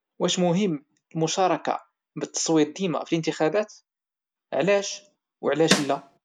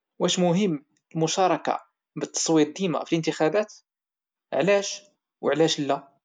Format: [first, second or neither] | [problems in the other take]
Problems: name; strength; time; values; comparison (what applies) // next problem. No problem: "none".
second | background sound (Snare drum); as loud as the speech